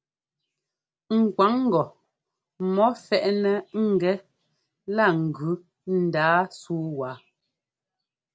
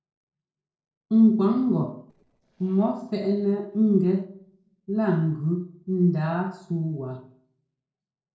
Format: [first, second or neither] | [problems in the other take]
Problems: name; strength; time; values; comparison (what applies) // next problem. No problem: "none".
first | noise reduction (neural separator model SepFormer DNS4)